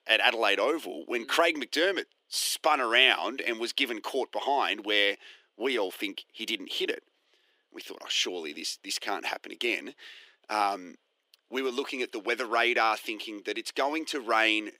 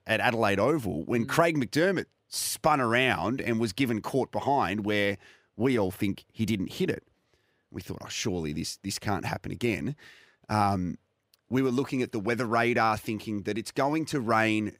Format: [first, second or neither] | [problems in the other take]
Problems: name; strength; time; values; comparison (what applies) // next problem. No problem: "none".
second | thin; somewhat; fading below 300 Hz